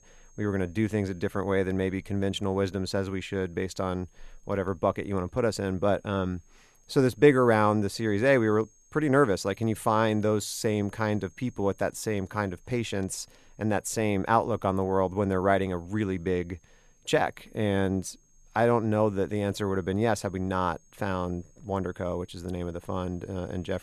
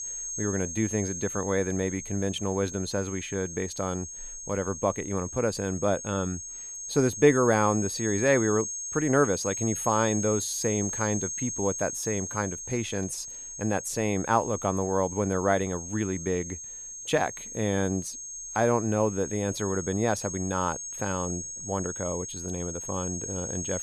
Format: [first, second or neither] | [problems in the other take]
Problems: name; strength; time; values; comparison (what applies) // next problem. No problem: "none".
first | high-pitched whine; loud; throughout; 6.5 kHz, 6 dB below the speech; faint in the first